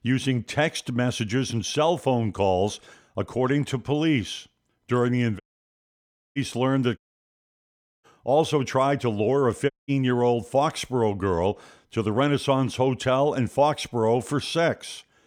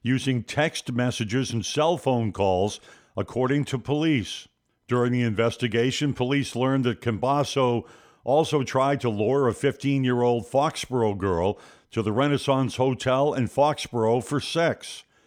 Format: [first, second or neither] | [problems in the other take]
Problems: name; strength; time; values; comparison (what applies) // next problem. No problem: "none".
second | audio cutting out; at 5.5 s for 1 s, at 7 s for 1 s and at 9.5 s